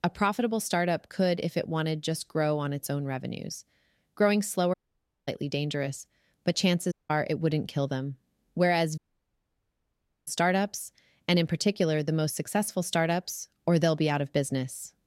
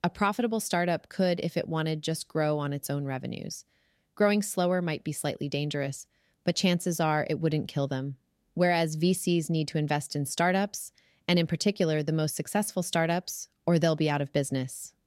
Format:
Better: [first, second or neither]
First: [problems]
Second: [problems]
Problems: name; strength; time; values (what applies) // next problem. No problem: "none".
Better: second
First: audio cutting out; at 4.5 s for 0.5 s, at 7 s and at 9 s for 1.5 s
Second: none